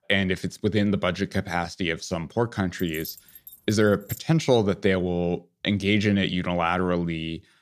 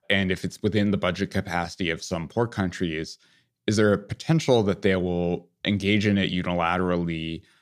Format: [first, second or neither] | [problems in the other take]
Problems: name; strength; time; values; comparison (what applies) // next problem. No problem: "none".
second | jangling keys; faint; from 3 to 4 s; peak 15 dB below the speech